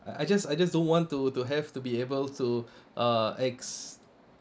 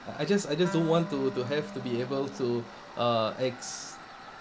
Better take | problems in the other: first | background sound (Wind instrument, woodwind instrument + Tools); 12 dB below the speech

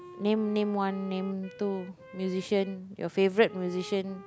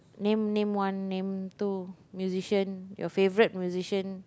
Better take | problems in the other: second | background sound (Wind instrument, woodwind instrument); 19 dB below the speech

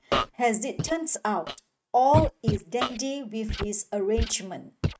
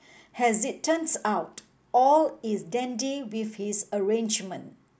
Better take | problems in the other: second | noise reduction (neural mask model RNNoise)

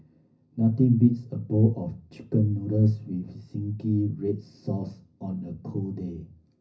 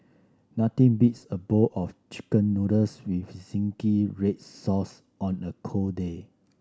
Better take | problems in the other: second | room echo; dies away in 0.4 s

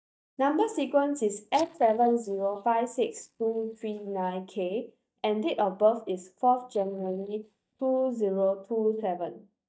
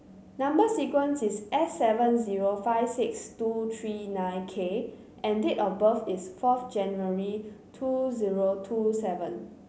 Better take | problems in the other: second | noise reduction (neural mask model DeepFilterNet 3)

